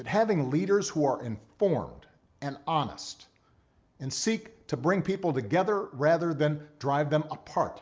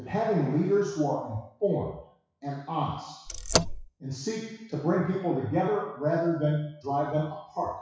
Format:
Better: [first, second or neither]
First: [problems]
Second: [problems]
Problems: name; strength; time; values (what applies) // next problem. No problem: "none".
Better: first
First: none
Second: noise reduction (classical method WPE with log-MMSE)